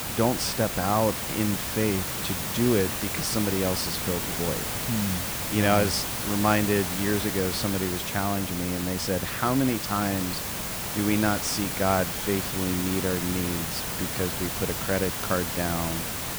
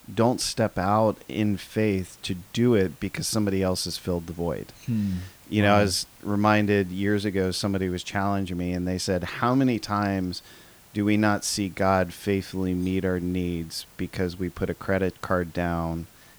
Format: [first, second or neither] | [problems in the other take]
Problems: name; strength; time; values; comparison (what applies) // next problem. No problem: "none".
second | hiss; loud; throughout; 1 dB below the speech; faint in the second